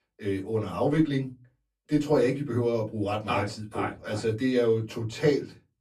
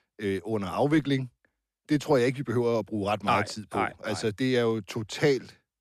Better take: second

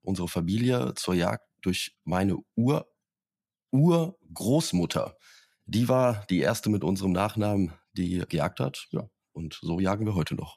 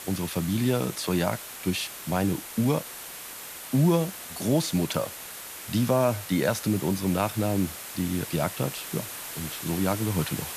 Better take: first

